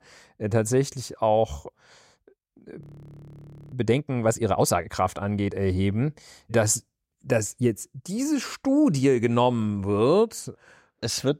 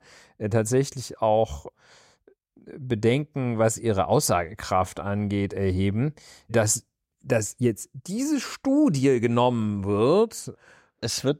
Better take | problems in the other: second | audio freezing; at 3 s for 1 s

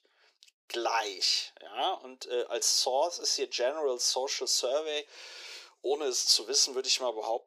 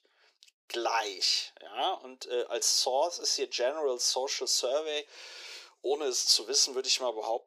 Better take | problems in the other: neither | thin; very; fading below 350 Hz; the same in both

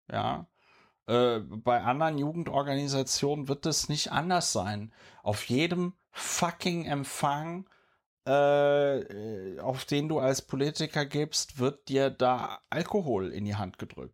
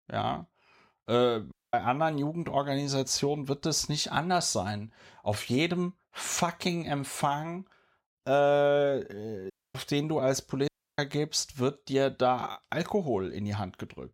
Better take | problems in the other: first | audio cutting out; at 1.5 s, at 9.5 s and at 11 s

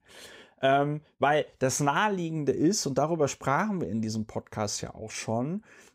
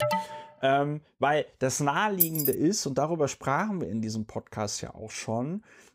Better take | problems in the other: first | alarm; noticeable; at the start; peak level with the speech // jangling keys; loud; at 2 s; peak 4 dB above the speech

